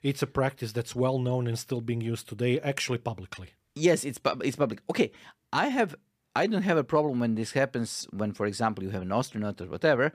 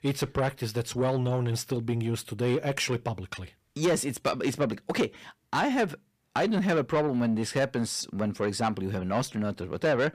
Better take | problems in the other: first | distortion; slight; 10 dB below the speech

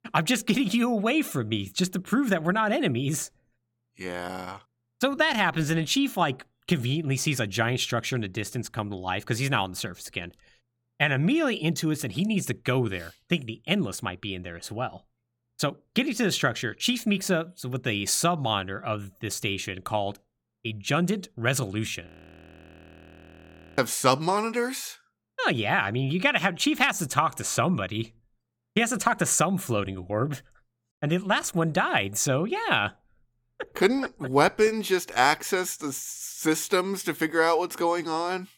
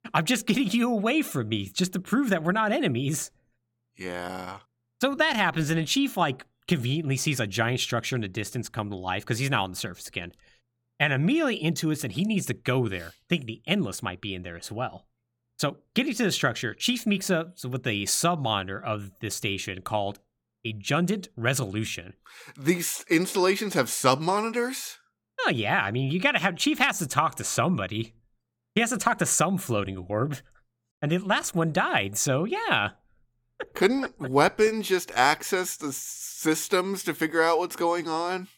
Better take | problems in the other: second | audio freezing; at 22 s for 1.5 s

